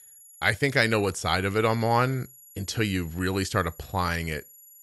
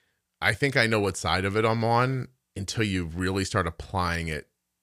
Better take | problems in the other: second | high-pitched whine; faint; throughout; 11.5 kHz, 20 dB below the speech

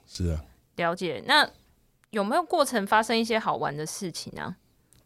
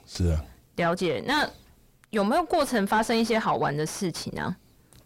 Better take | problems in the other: first | distortion; heavy; 6 dB below the speech

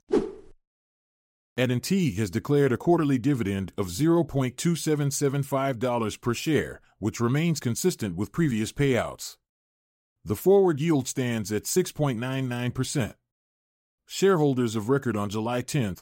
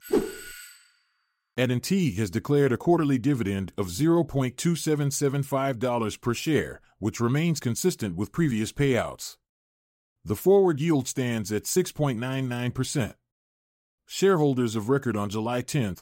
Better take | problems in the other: first | doorbell; faint; at the start; peak 15 dB below the speech

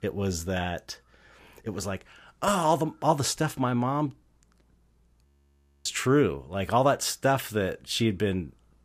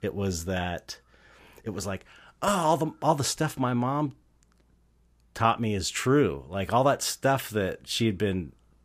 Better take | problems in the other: second | audio freezing; at 5.5 s for 0.5 s

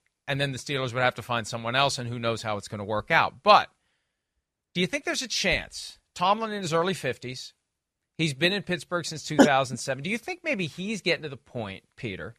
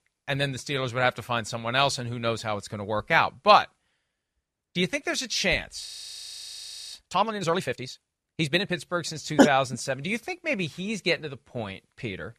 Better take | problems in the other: first | audio freezing; at 6 s for 1 s

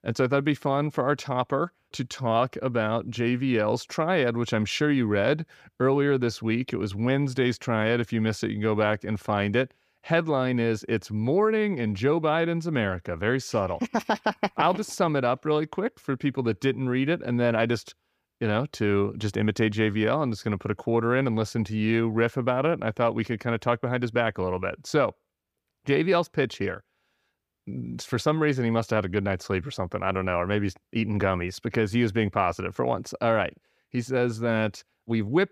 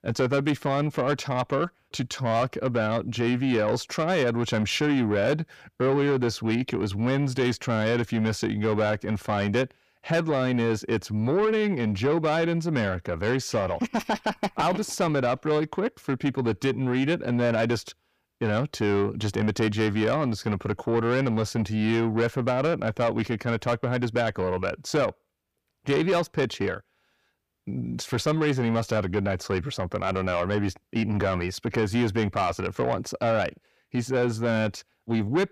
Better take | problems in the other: first | distortion; slight; 10 dB below the speech

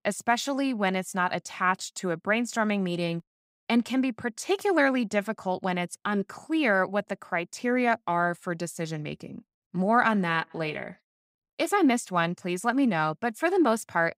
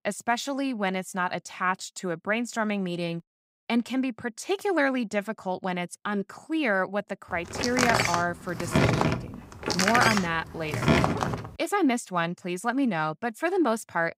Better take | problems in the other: first | door banging; loud; from 7.5 to 11 s; peak 6 dB above the speech

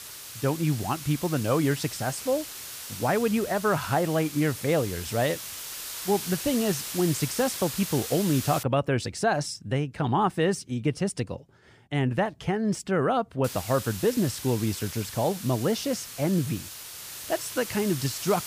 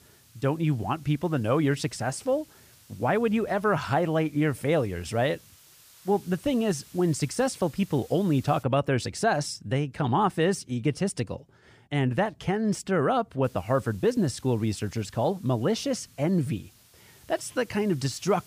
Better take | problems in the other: second | hiss; loud; until 8.5 s and from 13 s on; 8 dB below the speech; faint in the second

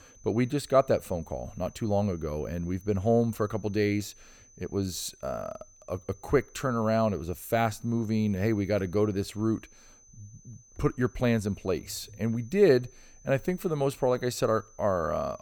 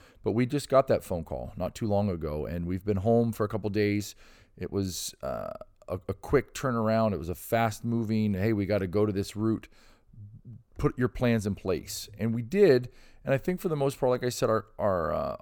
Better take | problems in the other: second | high-pitched whine; faint; throughout; 6 kHz, 25 dB below the speech

